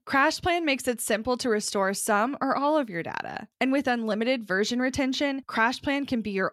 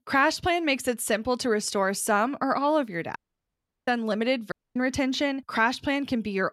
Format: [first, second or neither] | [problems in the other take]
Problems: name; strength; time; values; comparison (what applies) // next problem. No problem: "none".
first | audio cutting out; at 3 s for 0.5 s and at 4.5 s